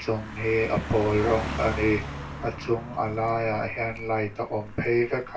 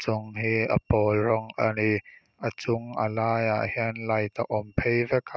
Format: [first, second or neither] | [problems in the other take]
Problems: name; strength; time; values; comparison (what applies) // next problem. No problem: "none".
second | background sound (Car passing by); 10 dB below the speech // room echo; dies away in 0.2 s